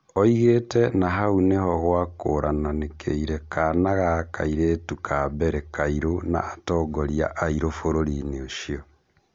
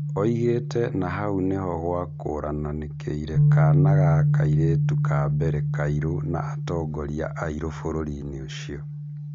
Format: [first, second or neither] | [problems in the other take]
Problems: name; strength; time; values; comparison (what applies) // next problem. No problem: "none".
first | background sound (Bass guitar); 4 dB above the speech